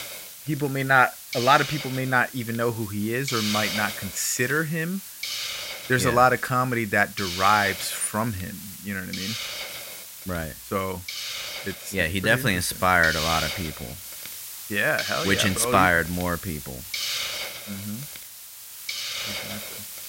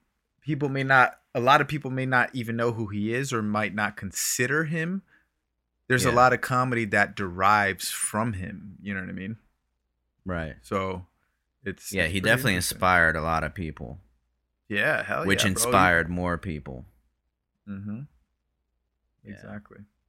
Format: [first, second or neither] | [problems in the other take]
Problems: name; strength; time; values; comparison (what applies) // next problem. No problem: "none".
second | hiss; loud; throughout; 8 dB below the speech